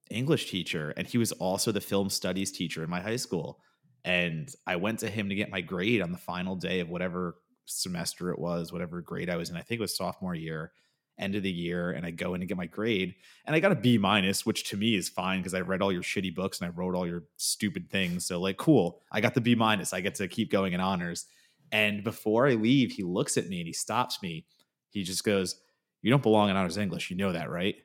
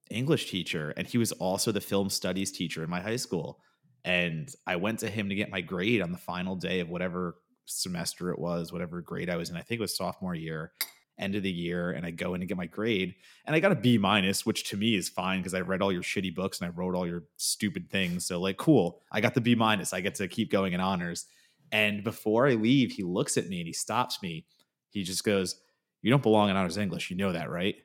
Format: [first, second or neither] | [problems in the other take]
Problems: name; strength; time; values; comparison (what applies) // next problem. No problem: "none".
first | clattering dishes; noticeable; at 11 s; peak 7 dB below the speech